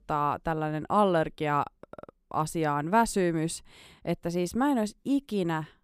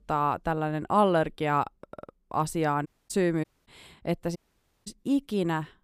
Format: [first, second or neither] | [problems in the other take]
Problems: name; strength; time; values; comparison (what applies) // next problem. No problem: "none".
first | audio cutting out; at 3 s, at 3.5 s and at 4.5 s for 0.5 s